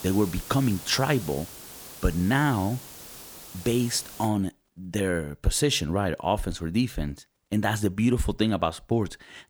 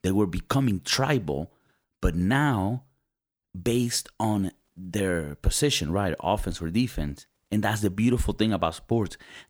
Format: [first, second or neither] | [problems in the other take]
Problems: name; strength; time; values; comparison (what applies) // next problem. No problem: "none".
second | hiss; noticeable; until 4.5 s; 15 dB below the speech